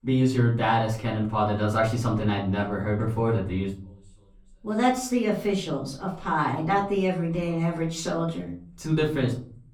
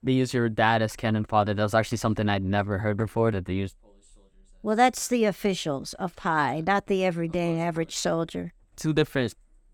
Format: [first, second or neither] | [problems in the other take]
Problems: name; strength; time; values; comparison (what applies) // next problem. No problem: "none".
second | off-mic speech; far // room echo; slight; dies away in 0.5 s